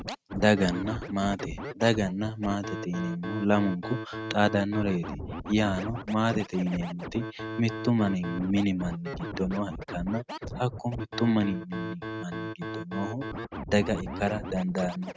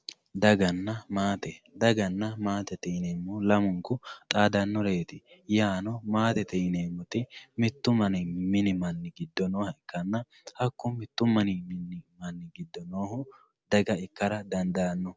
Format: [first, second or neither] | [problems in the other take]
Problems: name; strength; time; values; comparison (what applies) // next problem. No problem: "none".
second | noise reduction (neural mask model RNNoise)